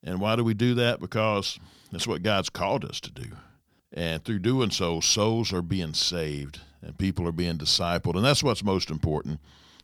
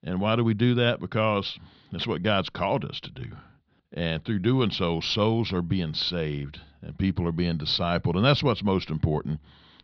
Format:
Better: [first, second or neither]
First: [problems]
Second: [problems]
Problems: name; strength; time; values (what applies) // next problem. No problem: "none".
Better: first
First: none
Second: muffled; very slightly; fading above 4 kHz